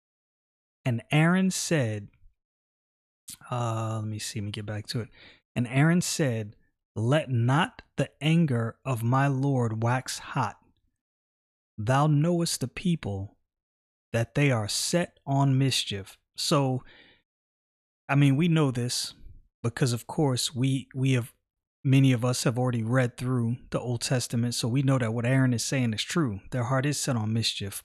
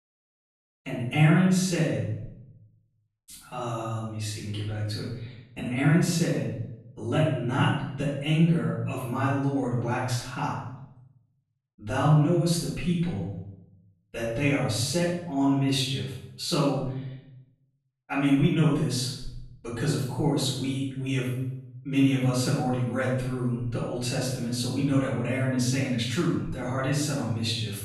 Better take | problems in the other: first | room echo; noticeable; dies away in 0.7 s // off-mic speech; far

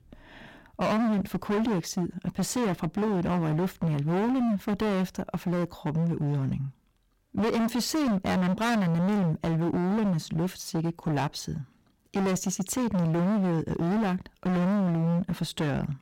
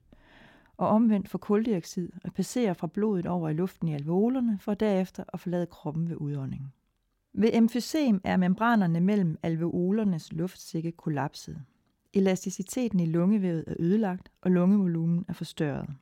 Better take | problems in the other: second | distortion; heavy; 30% of the sound clipped

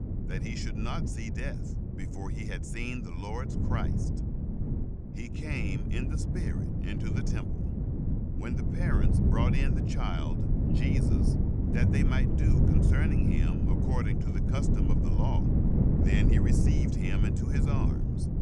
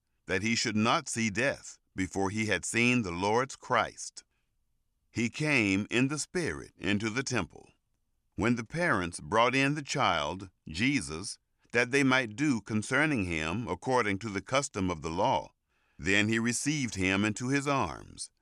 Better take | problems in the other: second | wind noise on the microphone; heavy; 1 dB above the speech

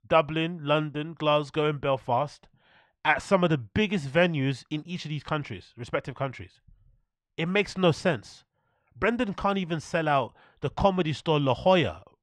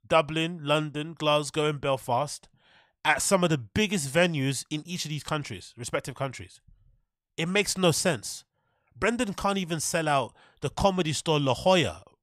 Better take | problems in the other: second | muffled; slightly; fading above 3 kHz

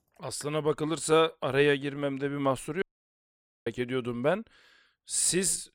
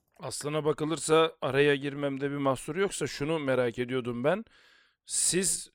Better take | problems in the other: second | audio cutting out; at 3 s for 1 s

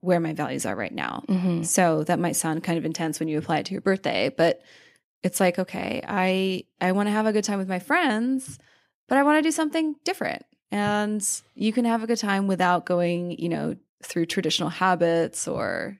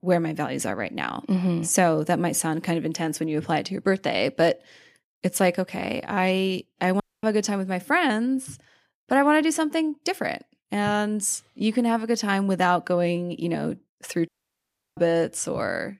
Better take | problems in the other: first | audio cutting out; at 7 s and at 14 s for 0.5 s

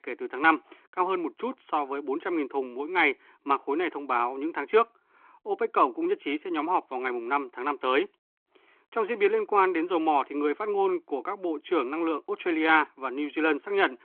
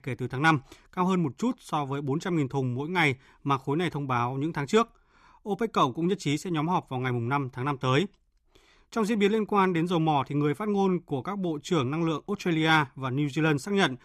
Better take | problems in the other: second | phone-call audio

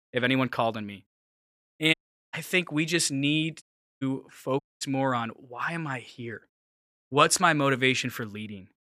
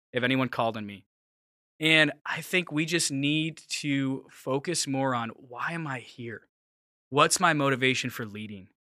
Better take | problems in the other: second | audio cutting out; at 2 s, at 3.5 s and at 4.5 s

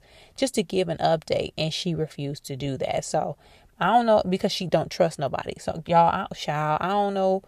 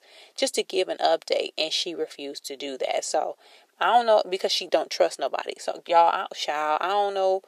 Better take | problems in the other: first | thin; very; fading below 300 Hz

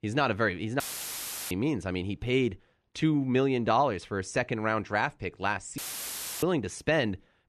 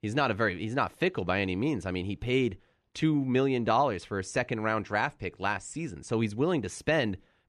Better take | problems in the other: second | audio cutting out; filled with static; at 1 s for 0.5 s and at 6 s for 0.5 s

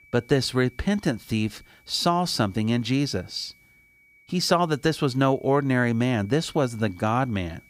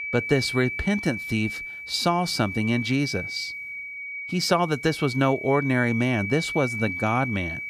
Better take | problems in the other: first | high-pitched whine; loud; throughout; 2.5 kHz, 6 dB below the speech; faint in the first

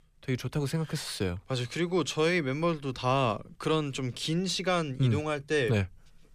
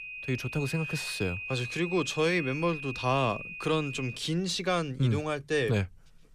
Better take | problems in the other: first | high-pitched whine; loud; until 4 s; 2.5 kHz, 7 dB below the speech

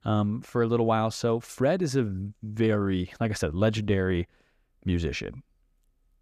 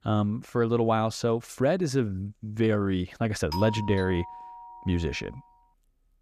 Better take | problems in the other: first | doorbell; noticeable; from 3.5 to 5 s; peak 7 dB below the speech

